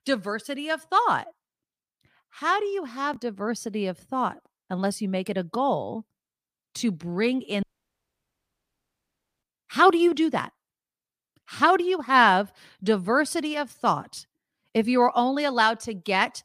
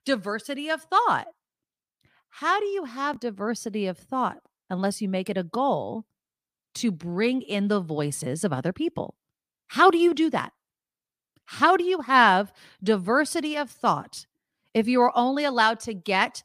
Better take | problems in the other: second | audio cutting out; at 7.5 s for 2 s

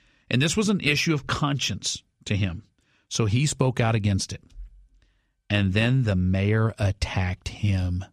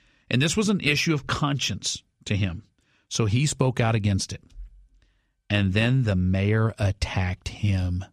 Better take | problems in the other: neither | none

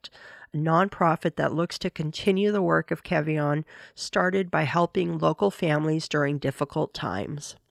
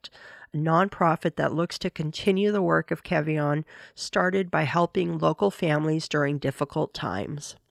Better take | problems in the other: neither | none

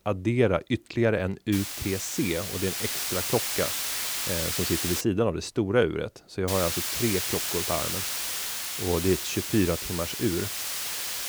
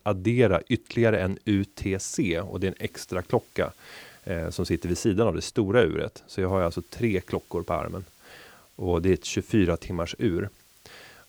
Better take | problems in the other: second | hiss; loud; from 1.5 to 5 s and from 6.5 s on; 1 dB below the speech; faint in the second

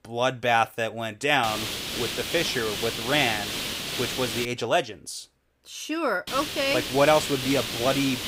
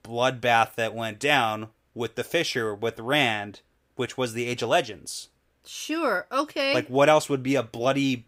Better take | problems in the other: second | hiss; loud; from 1.5 to 4.5 s and from 6.5 s on; 4 dB below the speech

